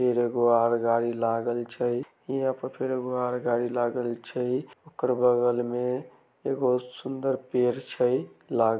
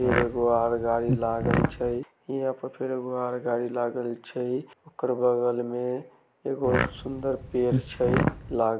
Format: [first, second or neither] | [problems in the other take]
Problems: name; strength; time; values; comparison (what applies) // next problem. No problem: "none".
first | background sound (Fart); 1 dB below the speech